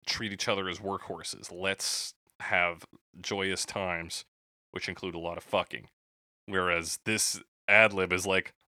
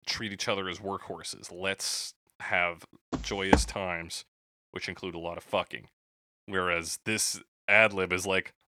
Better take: first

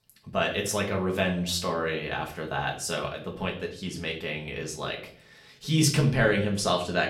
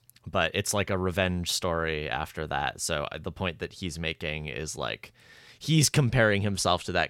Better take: second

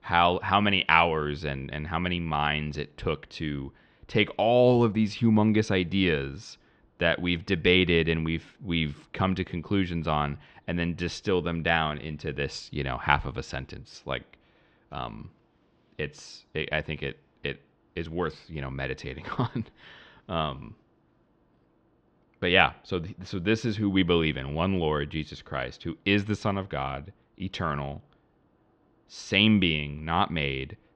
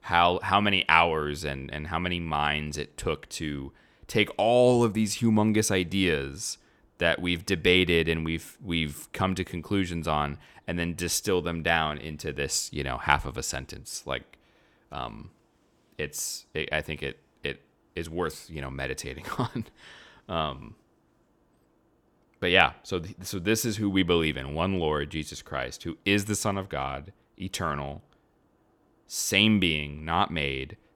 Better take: second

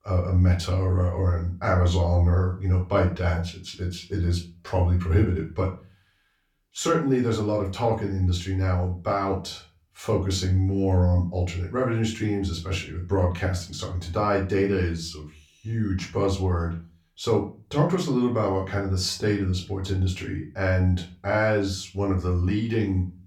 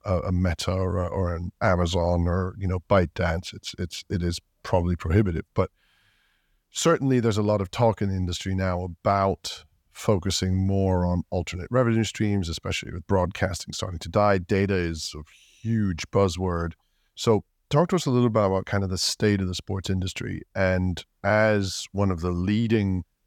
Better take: second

